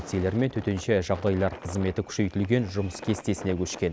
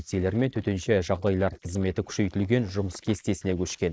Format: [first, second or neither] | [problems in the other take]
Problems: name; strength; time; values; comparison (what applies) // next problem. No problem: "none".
first | noise reduction (neural mask model Resemble Enhance denoiser)